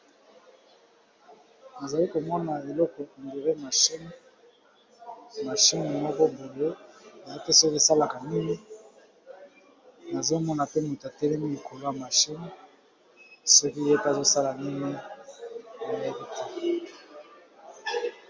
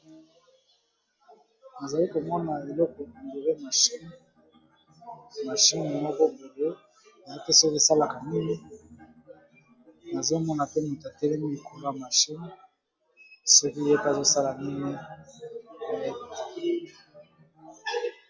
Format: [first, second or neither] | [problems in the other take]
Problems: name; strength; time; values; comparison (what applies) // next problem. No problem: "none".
first | noise reduction (classical method log-MMSE)